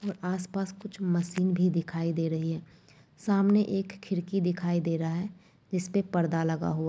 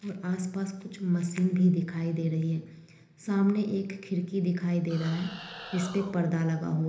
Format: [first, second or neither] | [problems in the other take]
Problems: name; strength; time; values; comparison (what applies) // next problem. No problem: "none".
first | background sound (Animal); 16 dB below the speech // room echo; dies away in 1 s